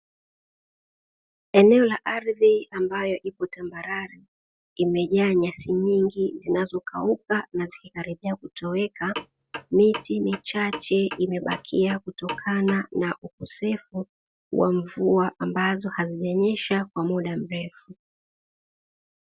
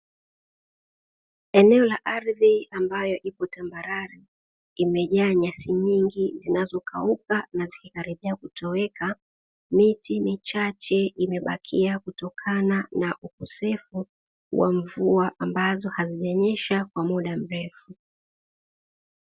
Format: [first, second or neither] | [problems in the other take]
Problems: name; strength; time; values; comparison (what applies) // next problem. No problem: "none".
second | background sound (Clock); 13 dB below the speech